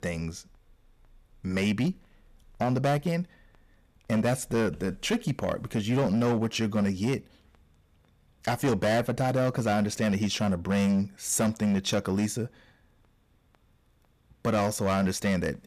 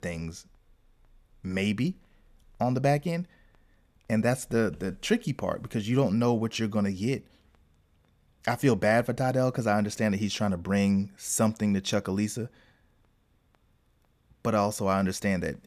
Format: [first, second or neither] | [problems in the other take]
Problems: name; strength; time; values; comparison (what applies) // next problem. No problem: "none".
second | distortion; slight; 9% of the sound clipped